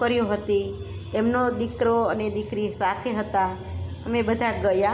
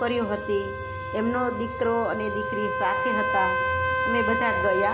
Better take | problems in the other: first | background sound (Trumpet); as loud as the speech

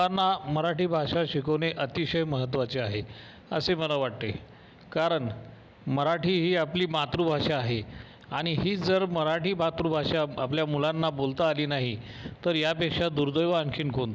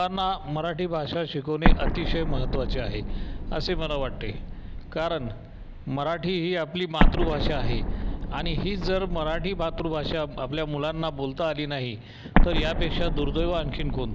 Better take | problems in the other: first | background sound (Explosion); 2 dB above the speech

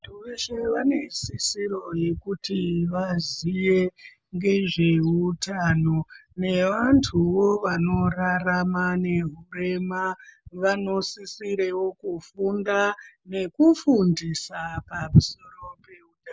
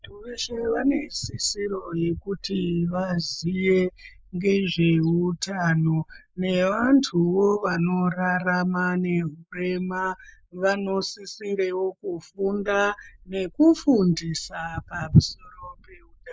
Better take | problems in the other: first | noise reduction (neural mask model Resemble Enhance denoiser)

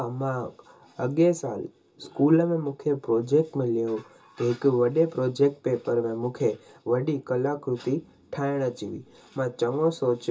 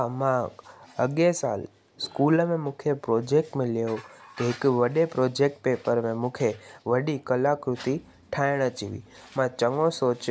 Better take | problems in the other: second | room echo; dies away in 0.2 s

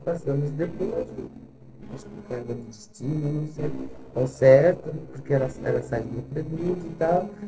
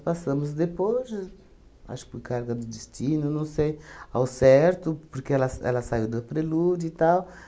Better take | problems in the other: second | noise reduction (neural separator model SepFormer DNS4)

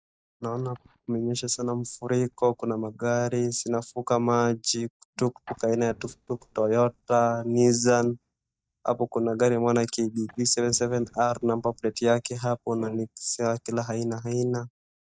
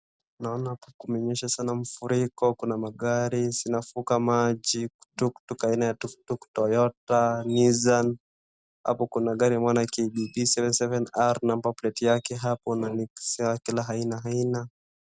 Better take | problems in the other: second | noise reduction (neural mask model DeepFilterNet 3)

